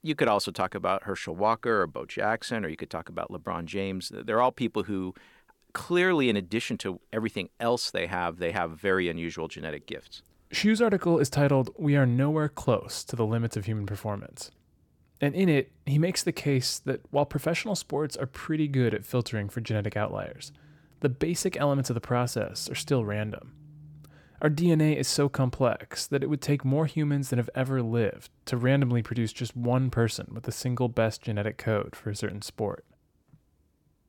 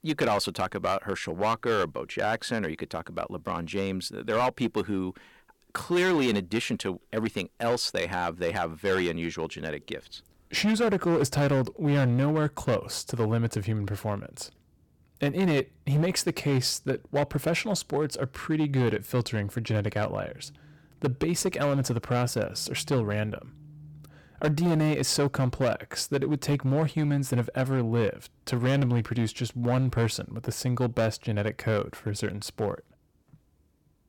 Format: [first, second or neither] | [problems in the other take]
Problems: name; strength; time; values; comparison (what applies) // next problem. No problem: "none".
first | distortion; slight; 7% of the sound clipped